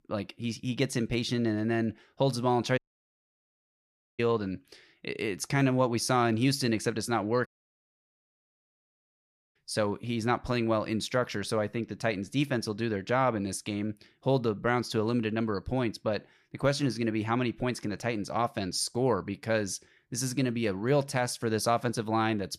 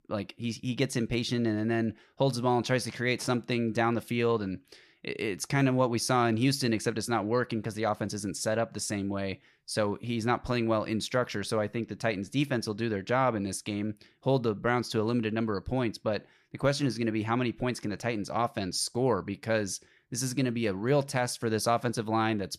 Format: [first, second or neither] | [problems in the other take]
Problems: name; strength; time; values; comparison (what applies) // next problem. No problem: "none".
second | audio cutting out; at 3 s for 1.5 s and at 7.5 s for 2 s